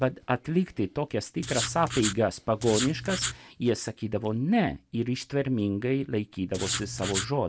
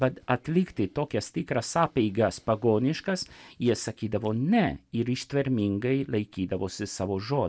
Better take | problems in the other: second | background sound (Writing); 5 dB below the speech

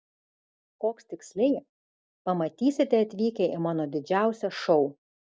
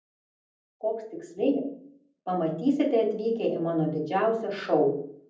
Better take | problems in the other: first | room echo; dies away in 0.6 s

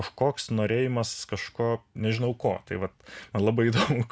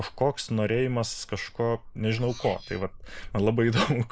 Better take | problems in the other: first | noise reduction (neural mask model Resemble Enhance denoiser)

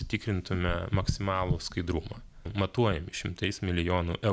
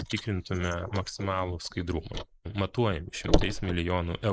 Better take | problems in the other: first | noise reduction (neural mask model Resemble Enhance denoiser)

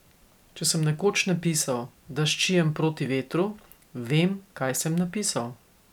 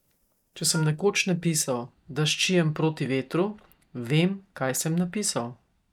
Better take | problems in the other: first | noise reduction (neural mask model DeepFilterNet 3)

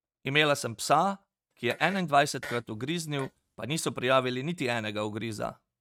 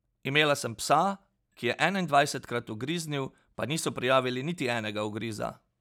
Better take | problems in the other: second | noise reduction (neural mask model RNNoise)

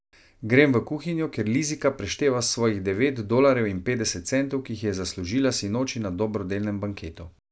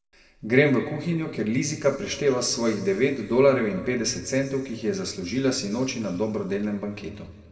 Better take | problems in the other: first | room echo; dies away in 1.9 s

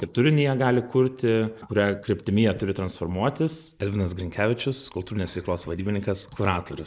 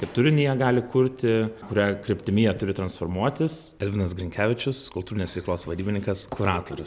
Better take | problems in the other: second | noise reduction (neural mask model Resemble Enhance denoiser)

